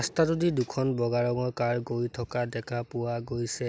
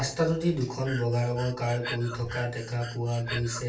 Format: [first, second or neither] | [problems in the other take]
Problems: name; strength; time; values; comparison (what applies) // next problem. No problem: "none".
first | background sound (Breathing); 12 dB below the speech // room echo; dies away in 0.3 s